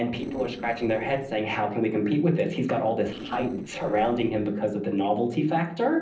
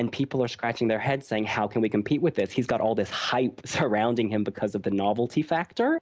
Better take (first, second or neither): second